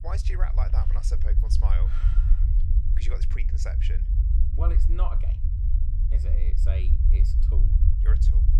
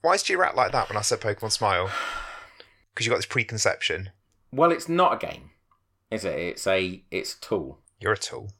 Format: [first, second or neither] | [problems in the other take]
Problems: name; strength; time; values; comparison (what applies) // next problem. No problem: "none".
second | low rumble; loud; throughout; 3 dB below the speech